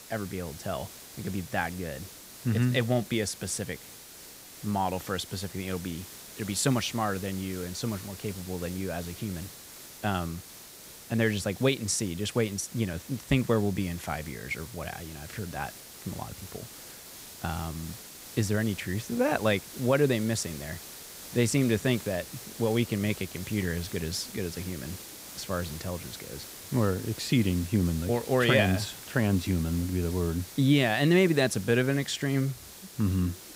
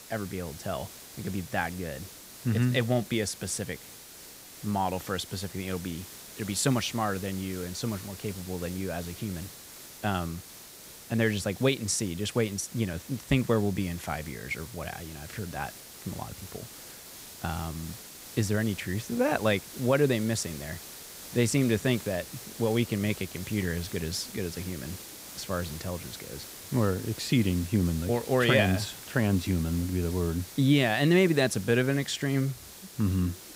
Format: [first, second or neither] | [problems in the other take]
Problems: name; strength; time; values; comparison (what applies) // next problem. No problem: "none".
neither | hiss; noticeable; throughout; 15 dB below the speech; the same in both